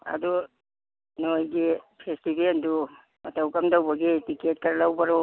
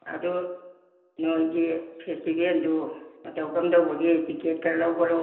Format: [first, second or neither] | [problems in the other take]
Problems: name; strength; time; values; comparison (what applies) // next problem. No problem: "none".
first | room echo; dies away in 1.4 s